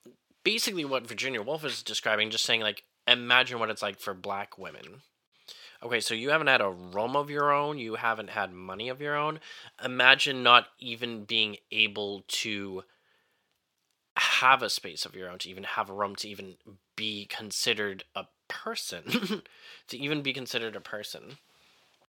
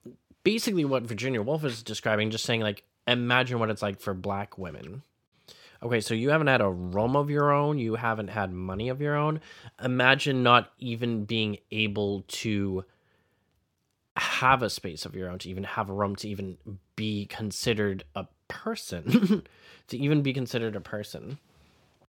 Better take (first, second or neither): second